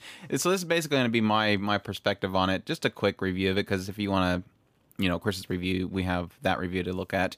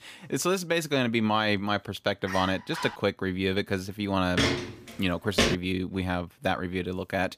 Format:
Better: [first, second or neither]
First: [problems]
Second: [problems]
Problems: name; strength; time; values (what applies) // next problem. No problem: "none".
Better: first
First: none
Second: dog barking; noticeable; at 2.5 s; peak 7 dB below the speech // footsteps; loud; from 4.5 to 5.5 s; peak 3 dB above the speech